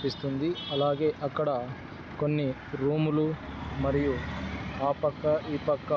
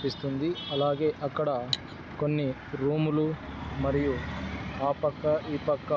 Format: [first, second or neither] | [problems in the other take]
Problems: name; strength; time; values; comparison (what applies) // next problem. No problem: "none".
first | background sound (Cutlery, silverware); 9 dB below the speech